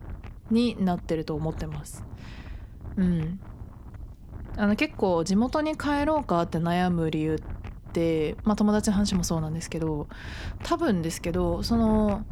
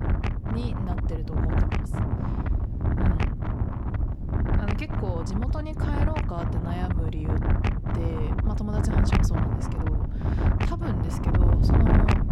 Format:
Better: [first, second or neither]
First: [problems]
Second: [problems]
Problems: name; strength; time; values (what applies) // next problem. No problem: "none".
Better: first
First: wind noise on the microphone; occasional gusts; 20 dB below the speech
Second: wind noise on the microphone; heavy; 4 dB above the speech